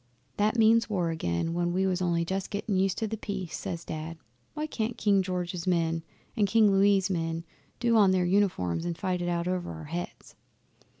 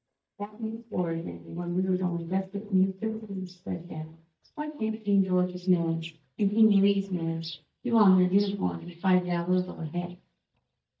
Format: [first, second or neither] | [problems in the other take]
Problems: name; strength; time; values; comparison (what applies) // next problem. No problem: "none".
first | noise reduction (neural mask model DeepFilterNet 3)